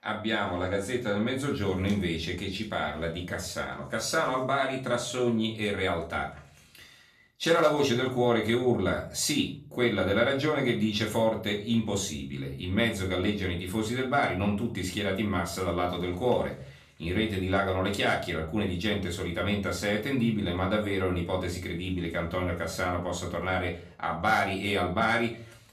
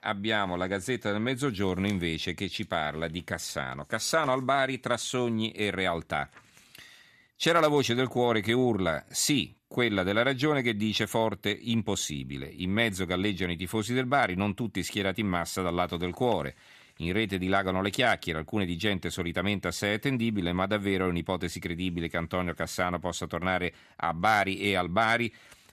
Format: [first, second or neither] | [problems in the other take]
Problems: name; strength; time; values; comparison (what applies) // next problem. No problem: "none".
second | room echo; slight; dies away in 0.4 s // off-mic speech; far